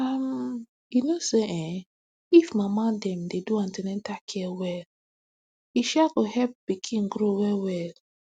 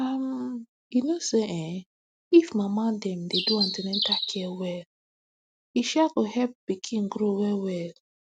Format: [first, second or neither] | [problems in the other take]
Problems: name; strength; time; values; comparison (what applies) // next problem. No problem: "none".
first | noise reduction (neural mask model RNNoise)